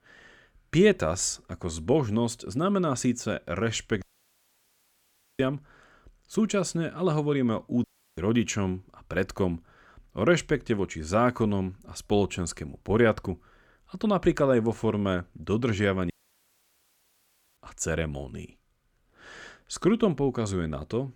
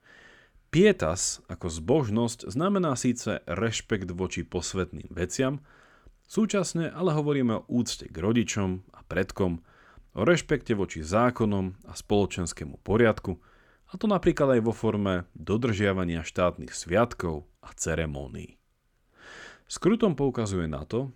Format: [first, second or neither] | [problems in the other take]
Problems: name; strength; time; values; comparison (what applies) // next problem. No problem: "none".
second | audio cutting out; at 4 s for 1.5 s, at 8 s and at 16 s for 1.5 s